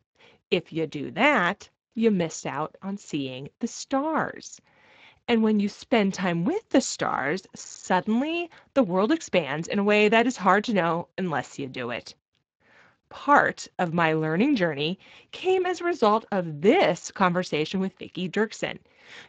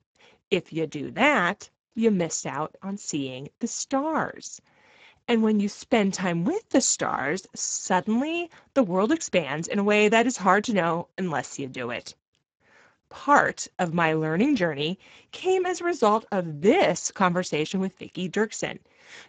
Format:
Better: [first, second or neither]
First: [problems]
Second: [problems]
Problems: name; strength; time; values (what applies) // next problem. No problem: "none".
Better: first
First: garbled, watery; slightly; nothing above 7.5 kHz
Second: garbled, watery; badly; nothing above 7.5 kHz